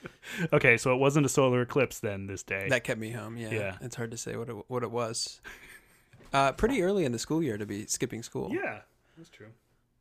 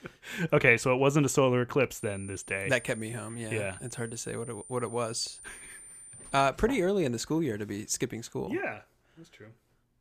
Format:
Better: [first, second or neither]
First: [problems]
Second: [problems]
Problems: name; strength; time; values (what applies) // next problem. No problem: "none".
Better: first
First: none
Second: high-pitched whine; noticeable; from 2 to 6.5 s; 9 kHz, 15 dB below the speech